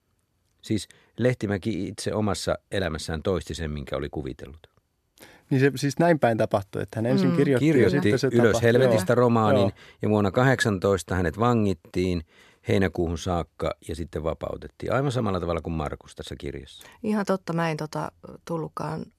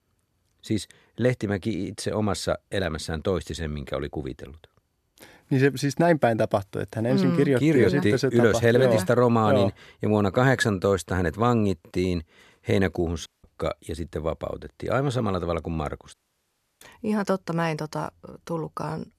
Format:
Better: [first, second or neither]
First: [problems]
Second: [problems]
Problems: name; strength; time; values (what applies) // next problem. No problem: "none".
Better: first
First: none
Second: audio cutting out; at 13 s and at 16 s for 0.5 s